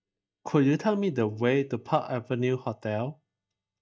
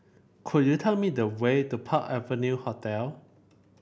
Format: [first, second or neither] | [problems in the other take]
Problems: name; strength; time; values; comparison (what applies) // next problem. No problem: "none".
second | noise reduction (neural mask model DeepFilterNet 3)